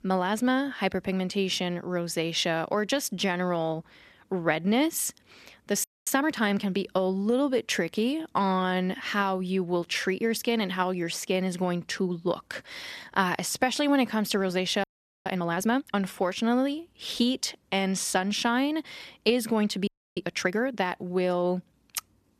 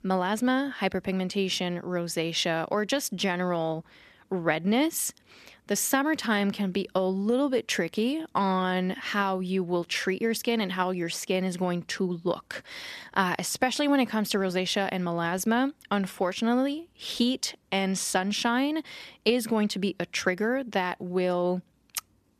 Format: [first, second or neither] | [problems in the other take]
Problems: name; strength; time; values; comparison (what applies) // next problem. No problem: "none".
second | audio freezing; at 6 s, at 15 s and at 20 s